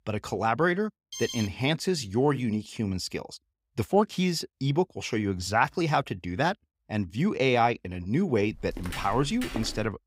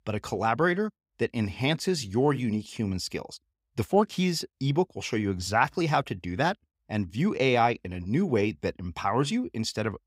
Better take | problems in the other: second | alarm; noticeable; at 1 s; peak 7 dB below the speech // footsteps; noticeable; from 8.5 s on; peak 9 dB below the speech

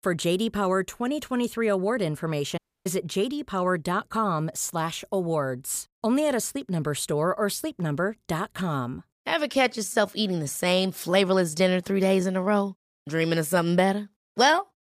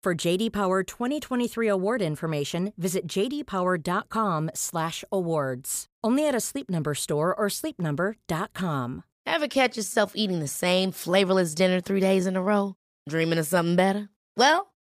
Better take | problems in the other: second | audio cutting out; at 2.5 s

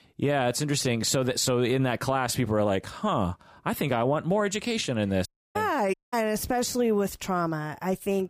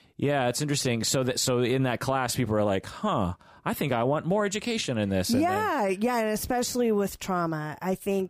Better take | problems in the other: second | audio cutting out; at 5.5 s and at 6 s

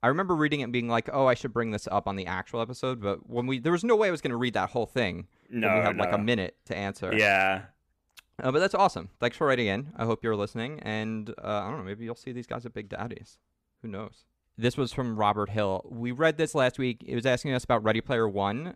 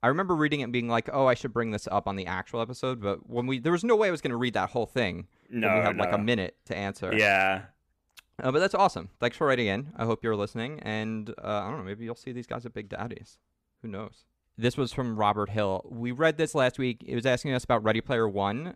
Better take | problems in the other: neither | none

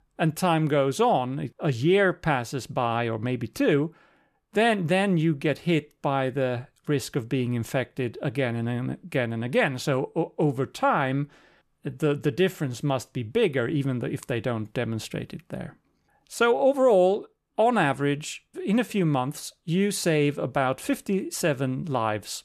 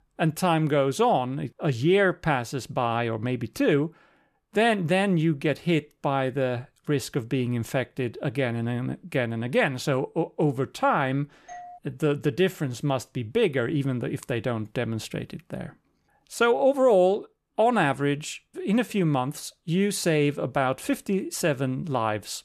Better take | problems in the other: first | doorbell; faint; at 11 s; peak 15 dB below the speech

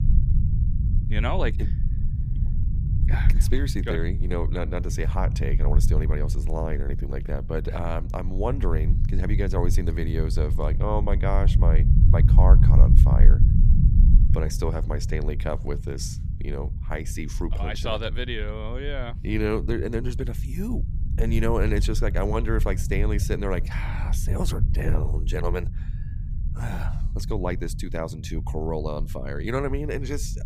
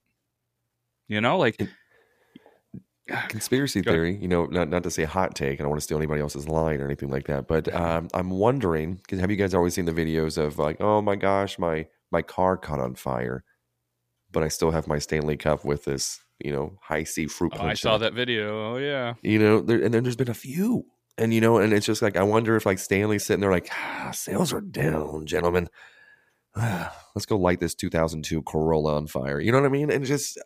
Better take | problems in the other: second | low rumble; loud; throughout; 9 dB below the speech

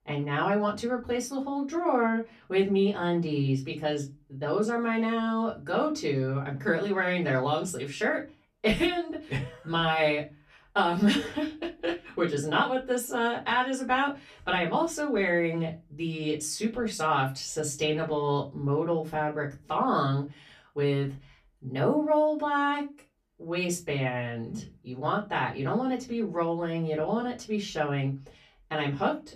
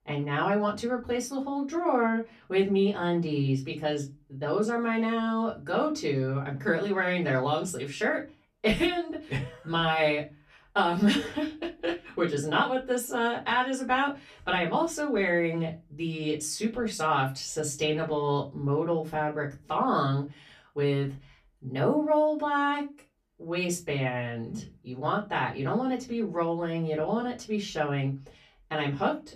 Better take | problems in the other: neither | off-mic speech; far; the same in both // room echo; very slight; dies away in 0.2 s; the same in both

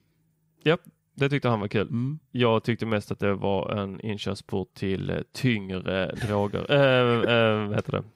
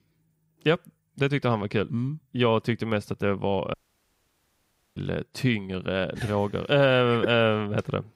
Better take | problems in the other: first | audio cutting out; at 3.5 s for 1 s

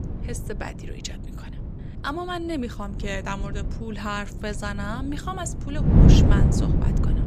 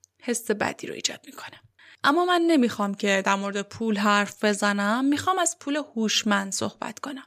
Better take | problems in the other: second | wind noise on the microphone; heavy; 1 dB above the speech

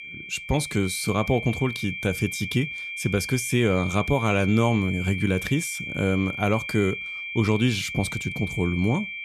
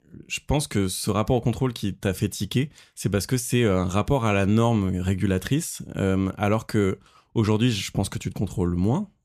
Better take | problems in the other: second | high-pitched whine; loud; throughout; 2.5 kHz, 6 dB below the speech

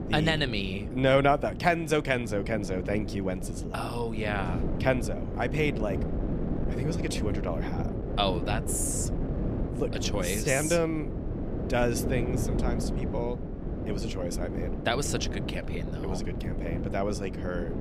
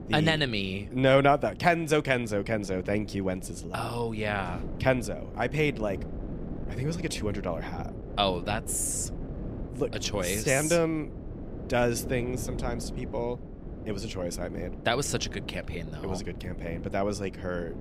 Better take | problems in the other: second | wind noise on the microphone; heavy; 9 dB below the speech; occasional gusts in the second

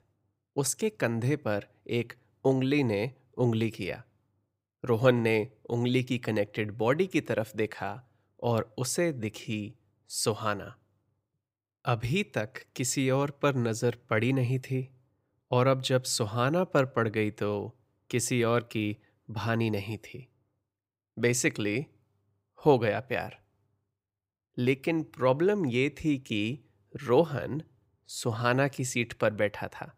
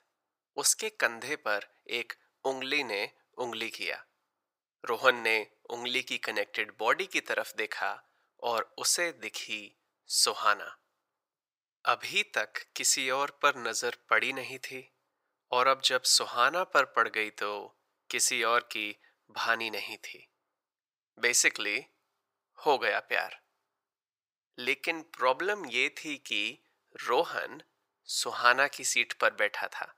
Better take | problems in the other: first | thin; very; fading below 800 Hz

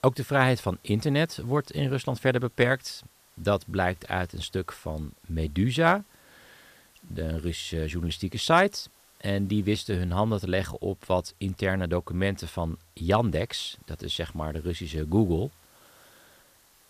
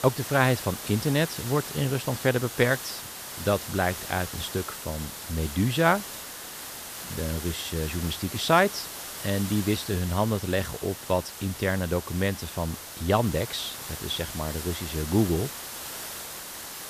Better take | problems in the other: first | hiss; loud; throughout; 8 dB below the speech; faint in the first

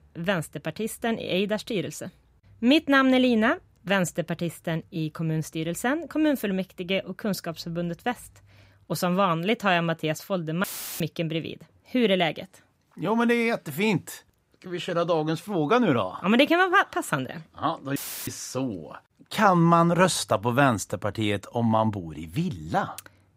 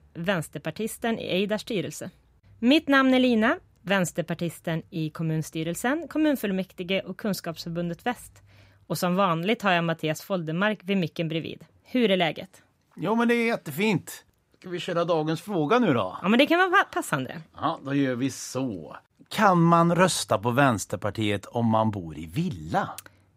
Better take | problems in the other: second | audio cutting out; filled with static; at 11 s and at 18 s

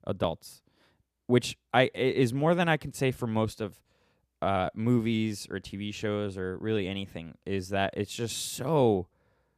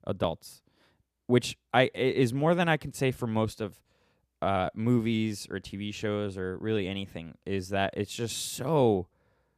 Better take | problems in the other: neither | none

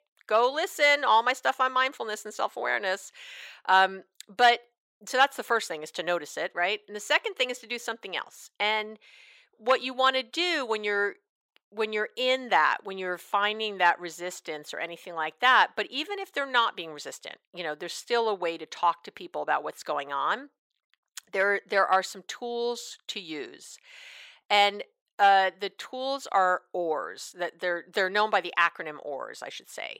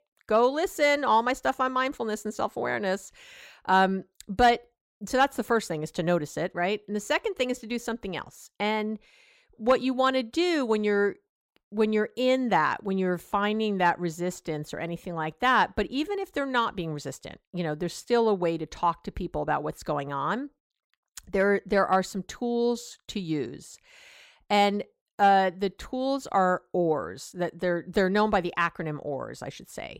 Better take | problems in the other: second | thin; very; fading below 500 Hz

